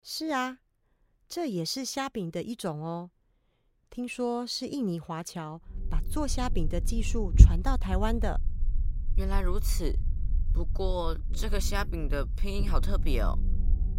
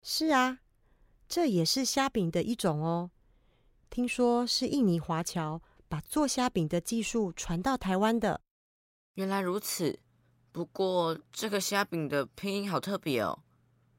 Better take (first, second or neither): second